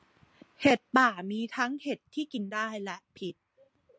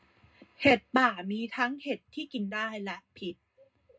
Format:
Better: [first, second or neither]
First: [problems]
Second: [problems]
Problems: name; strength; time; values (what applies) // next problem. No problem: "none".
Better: first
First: none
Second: room echo; dies away in 0.2 s